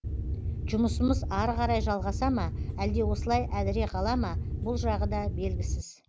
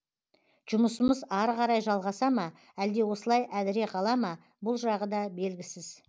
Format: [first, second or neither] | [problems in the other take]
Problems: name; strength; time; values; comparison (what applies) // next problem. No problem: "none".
second | background sound (Wind); as loud as the speech